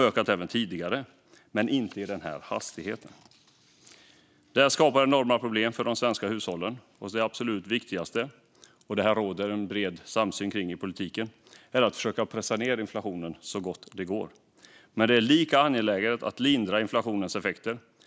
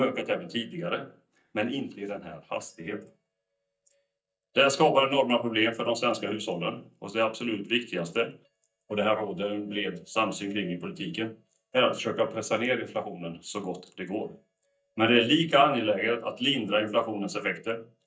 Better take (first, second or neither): first